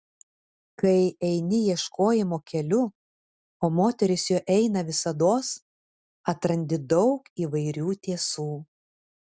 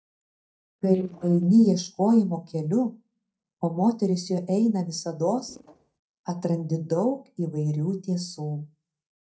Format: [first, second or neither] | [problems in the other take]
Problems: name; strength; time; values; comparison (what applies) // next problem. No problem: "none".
first | noise reduction (neural mask model DeepFilterNet 3)